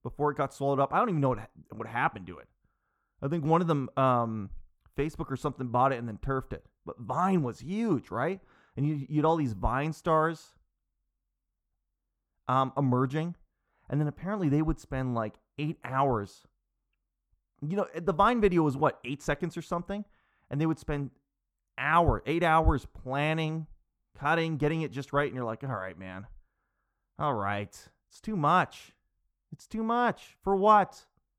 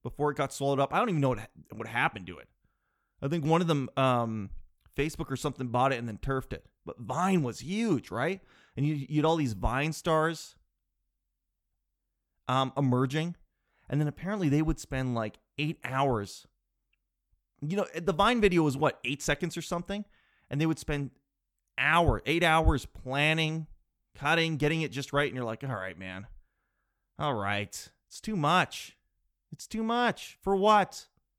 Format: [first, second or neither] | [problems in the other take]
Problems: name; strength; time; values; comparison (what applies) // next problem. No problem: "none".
second | muffled; slightly; fading above 1.5 kHz